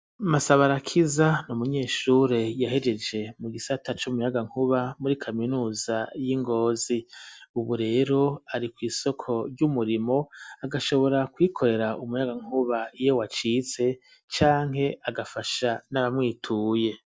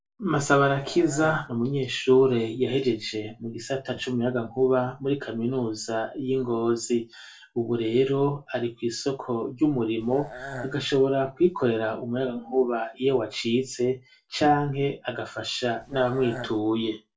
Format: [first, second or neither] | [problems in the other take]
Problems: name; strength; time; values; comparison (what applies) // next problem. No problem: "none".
first | noise reduction (neural separator model SepFormer DNS4)